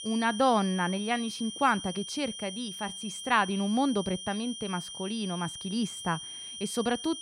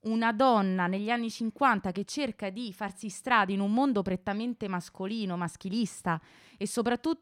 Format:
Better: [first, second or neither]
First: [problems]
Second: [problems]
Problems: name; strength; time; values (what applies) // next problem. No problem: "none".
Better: second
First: high-pitched whine; loud; throughout; 3 kHz, 8 dB below the speech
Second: none